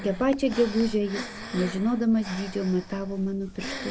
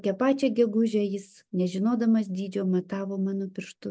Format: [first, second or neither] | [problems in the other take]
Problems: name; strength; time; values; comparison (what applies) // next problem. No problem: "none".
second | background sound (Breathing); 11 dB below the speech